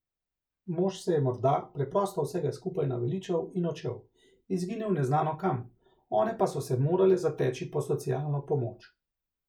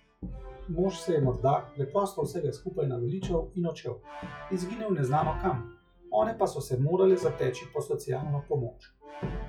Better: first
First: none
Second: noise reduction (classical method log-MMSE)

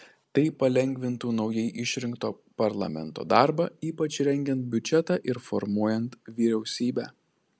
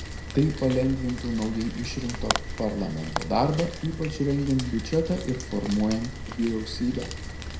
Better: first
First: none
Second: background sound (Rain); 7 dB below the speech // room echo; dies away in 0.4 s

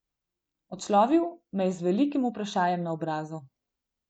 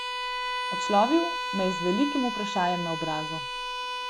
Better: first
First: none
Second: background sound (Bowed string instrument); 3 dB below the speech

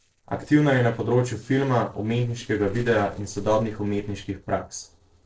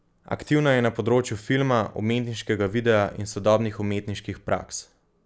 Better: second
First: noise reduction (neural separator model SepFormer DNS4)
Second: none

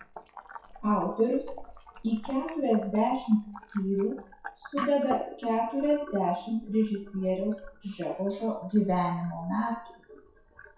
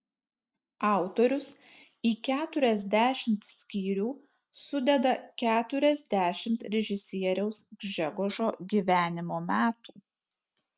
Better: second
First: noise reduction (classical method WPE with log-MMSE)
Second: none

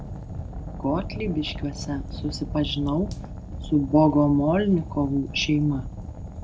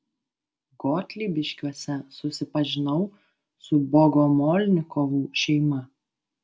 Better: second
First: background sound (Fire); 9 dB below the speech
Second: none

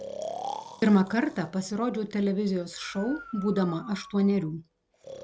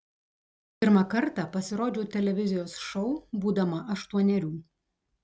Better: second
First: background sound (Breathing); 14 dB below the speech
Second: none

